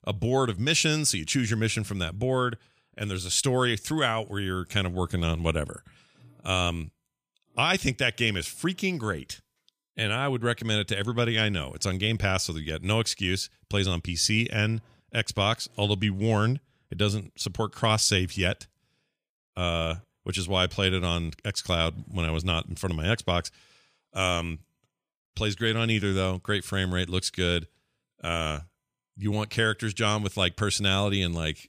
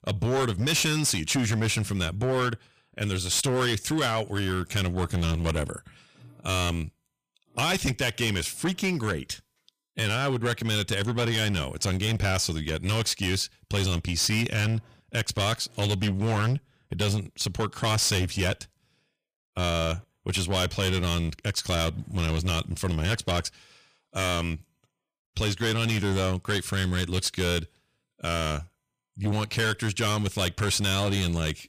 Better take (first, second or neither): first